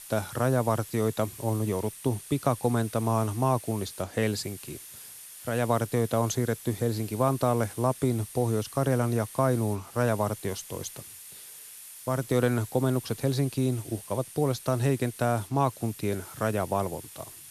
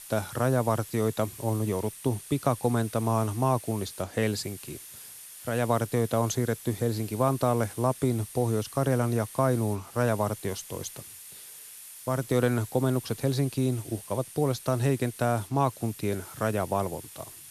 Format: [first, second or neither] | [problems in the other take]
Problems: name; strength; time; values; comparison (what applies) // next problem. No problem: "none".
neither | hiss; noticeable; throughout; 15 dB below the speech; the same in both